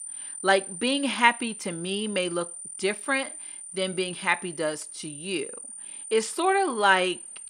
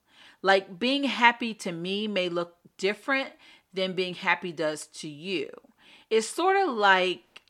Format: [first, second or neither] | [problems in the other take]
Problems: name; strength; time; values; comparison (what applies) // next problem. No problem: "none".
second | high-pitched whine; noticeable; throughout; 9 kHz, 10 dB below the speech